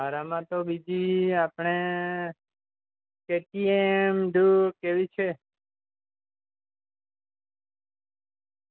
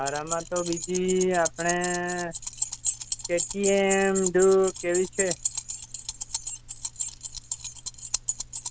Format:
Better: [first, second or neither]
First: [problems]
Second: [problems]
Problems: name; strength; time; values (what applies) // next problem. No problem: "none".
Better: first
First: none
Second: background sound (Keys jangling); 5 dB below the speech